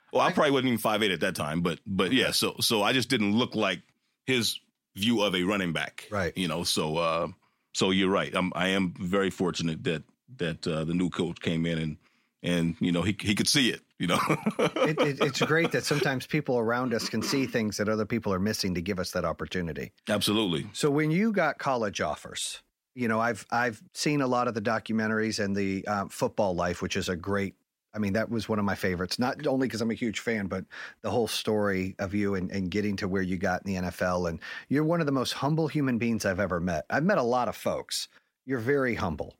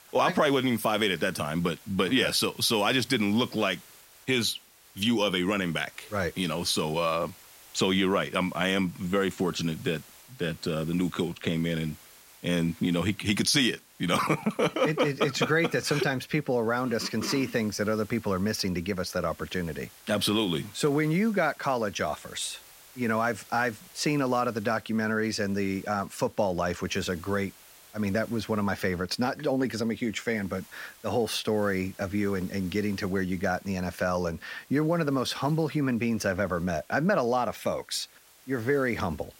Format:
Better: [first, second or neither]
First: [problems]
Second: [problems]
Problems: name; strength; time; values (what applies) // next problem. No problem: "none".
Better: first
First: none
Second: hiss; faint; throughout; 25 dB below the speech